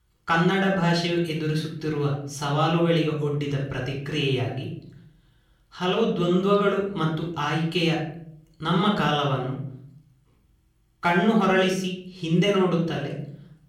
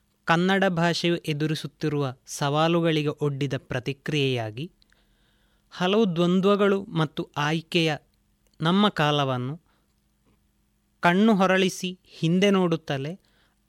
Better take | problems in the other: second | off-mic speech; somewhat distant // room echo; noticeable; dies away in 0.5 s

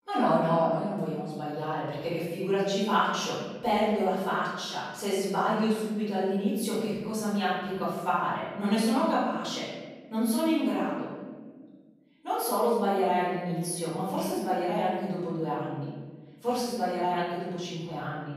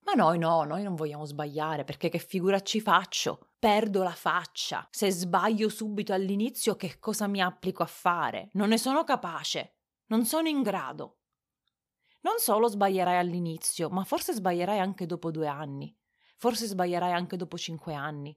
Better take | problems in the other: second | off-mic speech; far // room echo; strong; dies away in 1.4 s

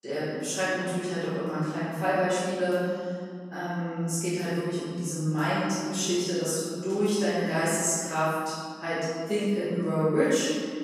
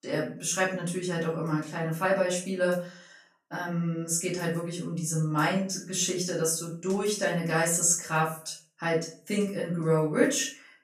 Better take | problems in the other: second | room echo; strong; dies away in 2.1 s; slight in the second // off-mic speech; far; far in the second

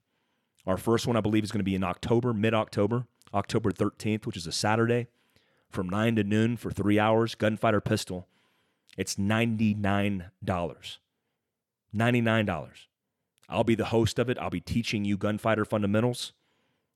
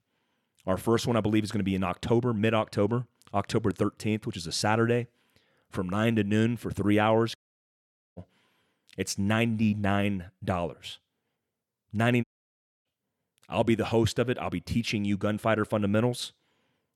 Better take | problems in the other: first | audio cutting out; at 7.5 s for 1 s and at 12 s for 0.5 s

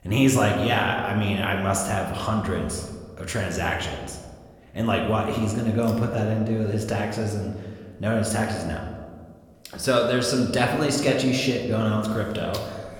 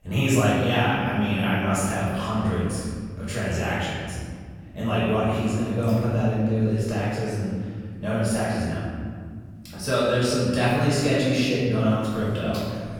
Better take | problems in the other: first | room echo; strong; dies away in 2.3 s; slight in the first // off-mic speech; far

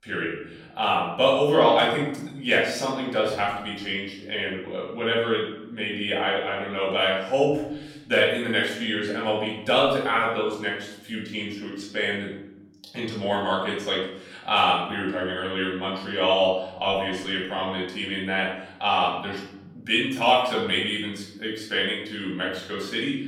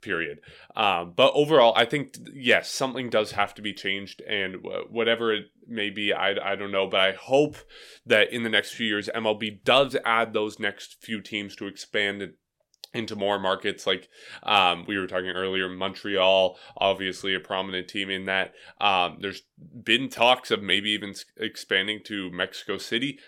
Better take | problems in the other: second | off-mic speech; far // room echo; noticeable; dies away in 0.9 s

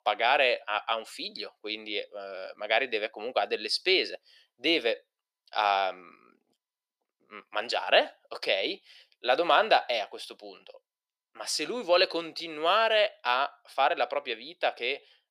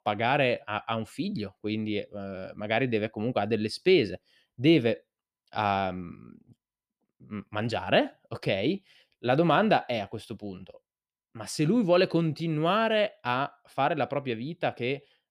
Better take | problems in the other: second | thin; very; fading below 500 Hz

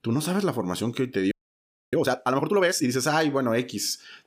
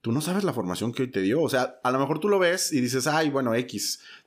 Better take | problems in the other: second | audio freezing; at 1.5 s for 0.5 s

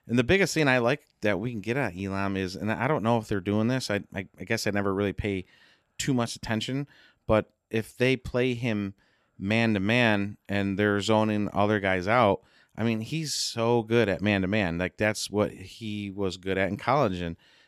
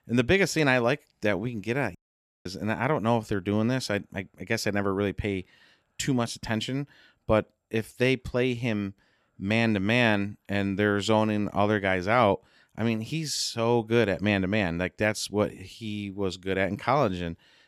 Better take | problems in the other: first | audio cutting out; at 2 s for 0.5 s

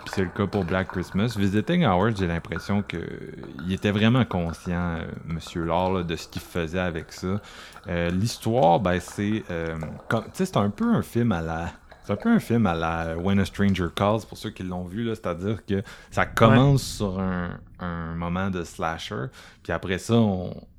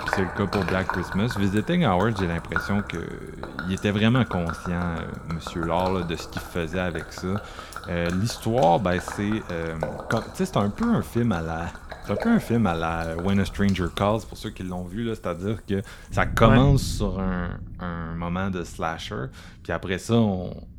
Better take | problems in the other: first | rain or running water; loud; throughout; 10 dB below the speech; faint in the first

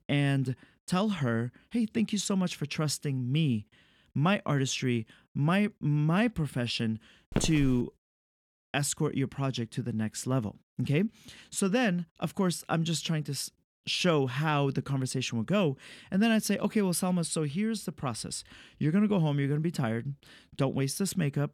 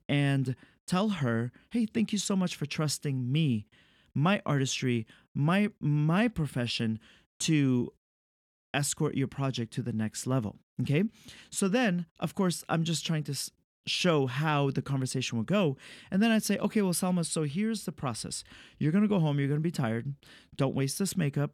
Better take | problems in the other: second | footsteps; noticeable; at 7.5 s; peak 4 dB below the speech

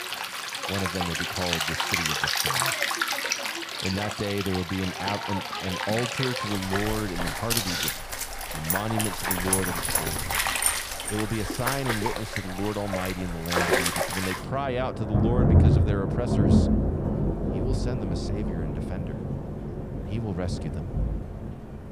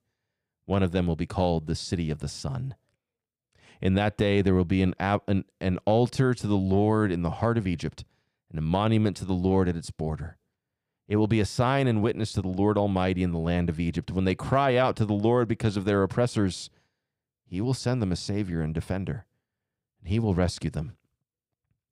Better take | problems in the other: second | rain or running water; very loud; throughout; 5 dB above the speech

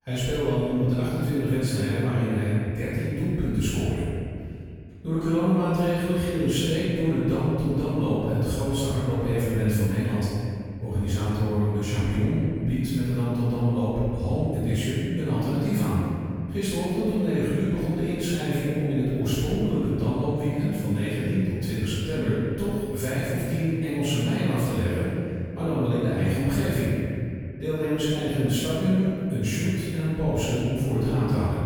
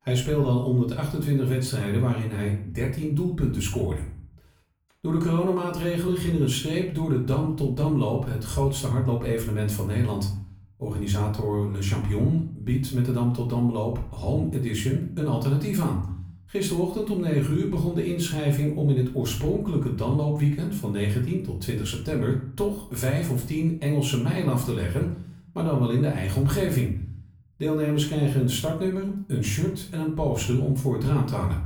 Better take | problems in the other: second | room echo; strong; dies away in 2.3 s; slight in the second // off-mic speech; far; far in the second

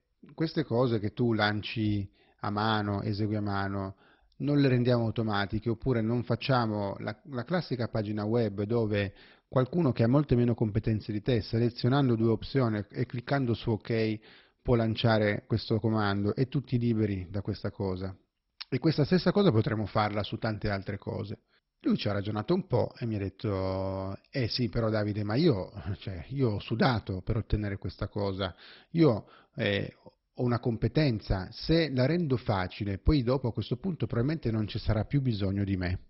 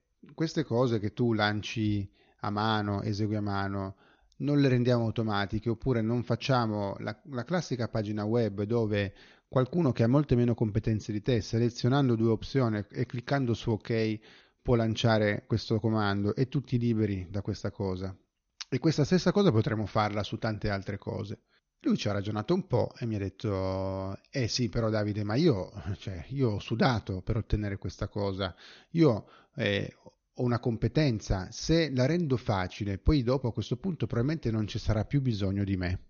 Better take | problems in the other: second | garbled, watery; badly; nothing above 5.5 kHz; slightly in the second

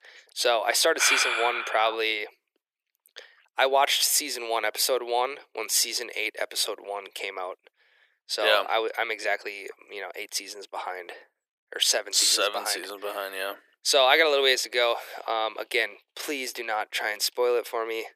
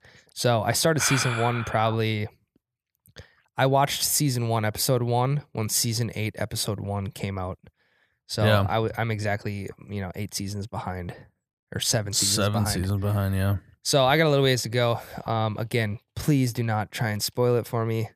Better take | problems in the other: second | thin; very; fading below 350 Hz

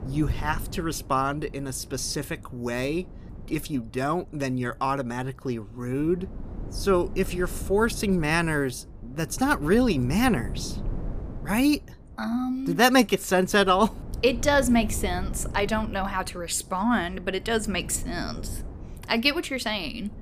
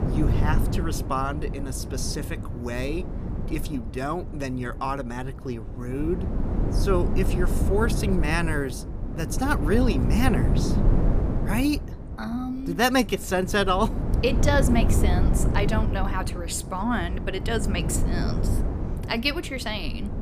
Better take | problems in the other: first | wind noise on the microphone; heavy; 8 dB below the speech; occasional gusts in the first

